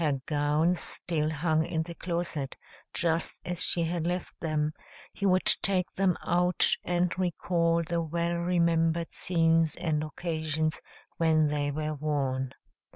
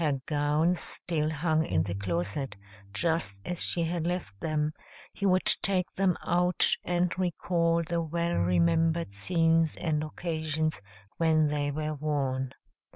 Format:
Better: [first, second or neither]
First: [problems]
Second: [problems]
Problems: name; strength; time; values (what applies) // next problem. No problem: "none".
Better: first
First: none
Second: background sound (Bowed string instrument); 10 dB below the speech